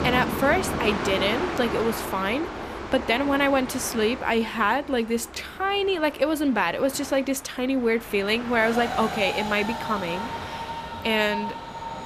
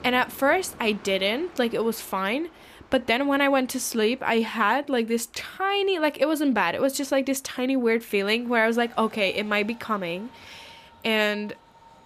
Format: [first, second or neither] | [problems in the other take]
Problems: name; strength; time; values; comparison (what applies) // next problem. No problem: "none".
second | train or aircraft noise; loud; throughout; 7 dB below the speech; faint in the second